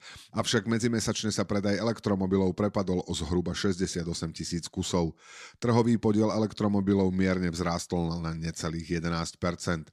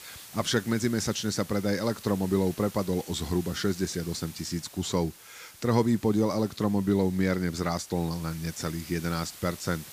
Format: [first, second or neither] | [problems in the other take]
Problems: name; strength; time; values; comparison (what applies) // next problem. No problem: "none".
first | hiss; noticeable; throughout; 15 dB below the speech